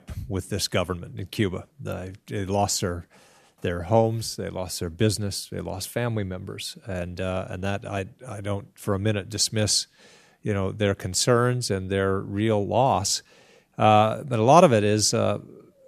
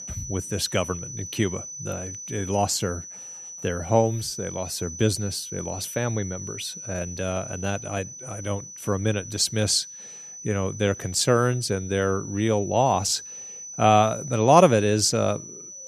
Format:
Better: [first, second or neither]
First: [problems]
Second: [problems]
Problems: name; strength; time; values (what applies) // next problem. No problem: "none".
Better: first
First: none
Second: high-pitched whine; noticeable; throughout; 6 kHz, 10 dB below the speech